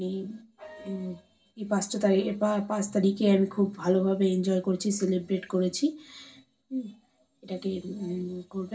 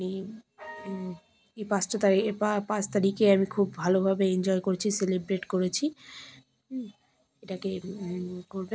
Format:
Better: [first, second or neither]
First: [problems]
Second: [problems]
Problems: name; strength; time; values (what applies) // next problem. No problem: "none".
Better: second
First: room echo; dies away in 0.2 s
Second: none